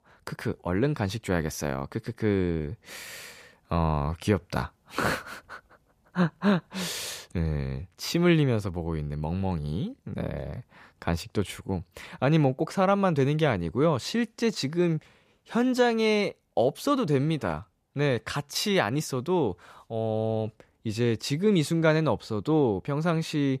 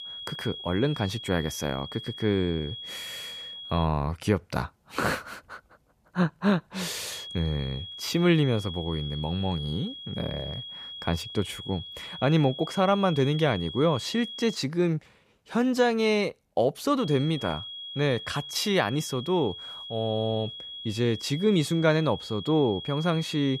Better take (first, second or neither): first